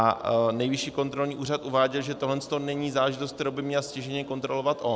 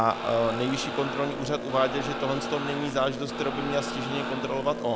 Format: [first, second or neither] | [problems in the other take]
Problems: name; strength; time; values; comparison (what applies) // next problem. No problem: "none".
first | background sound (Crowd + Boat, Water vehicle); 5 dB below the speech